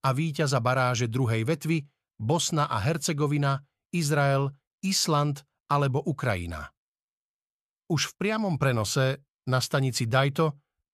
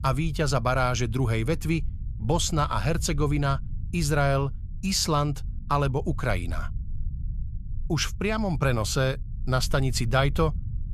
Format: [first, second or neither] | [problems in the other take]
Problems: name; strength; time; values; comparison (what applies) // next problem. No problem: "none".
first | low rumble; faint; throughout; 25 dB below the speech